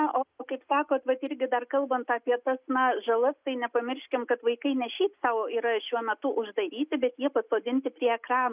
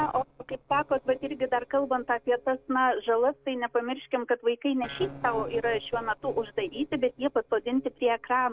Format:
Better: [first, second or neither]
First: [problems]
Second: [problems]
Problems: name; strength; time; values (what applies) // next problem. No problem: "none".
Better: first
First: none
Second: noise reduction (neural separator model SepFormer DNS4)